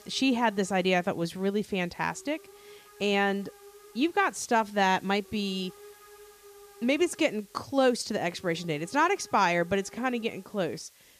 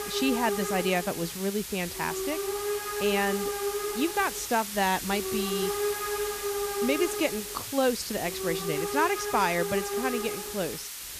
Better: first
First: hiss; faint; throughout; 25 dB below the speech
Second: hiss; loud; throughout; 2 dB below the speech

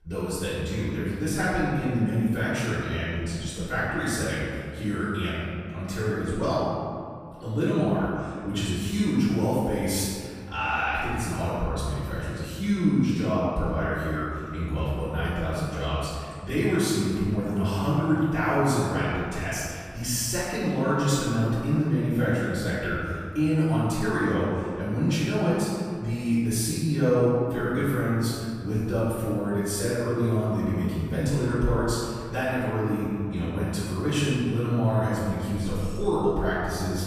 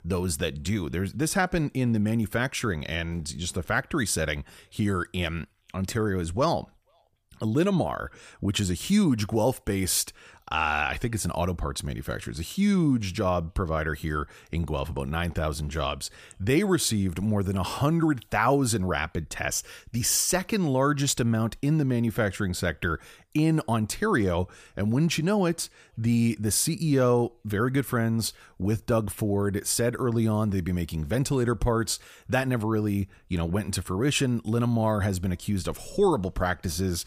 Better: second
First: off-mic speech; far // room echo; strong; dies away in 1.9 s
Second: none

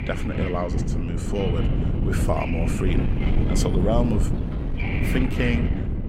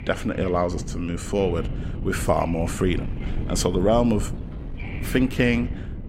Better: second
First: wind noise on the microphone; heavy; 3 dB below the speech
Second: wind noise on the microphone; occasional gusts; 15 dB below the speech

